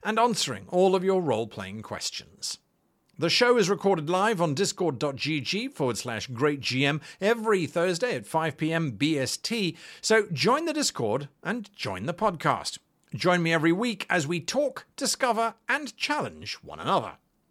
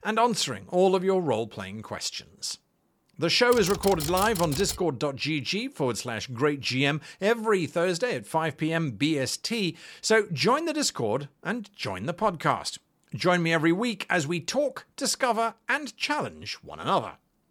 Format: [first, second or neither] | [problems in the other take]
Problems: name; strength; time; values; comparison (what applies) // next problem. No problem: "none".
first | keyboard typing; noticeable; from 3.5 to 5 s; peak 5 dB below the speech